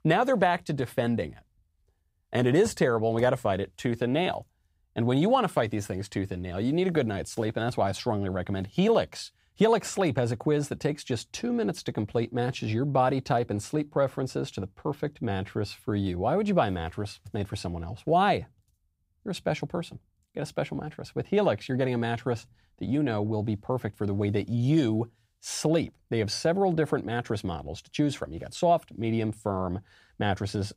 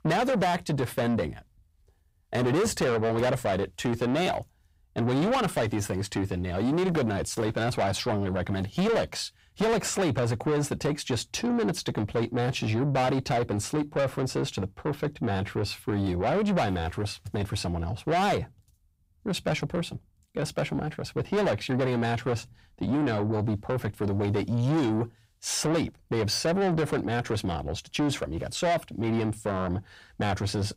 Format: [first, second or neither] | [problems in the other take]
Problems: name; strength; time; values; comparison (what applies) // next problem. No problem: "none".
first | distortion; heavy; 7 dB below the speech